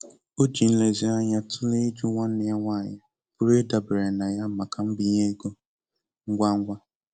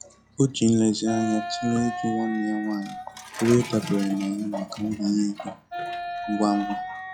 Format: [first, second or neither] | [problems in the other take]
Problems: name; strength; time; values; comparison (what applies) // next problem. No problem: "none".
first | noise reduction (classical method log-MMSE)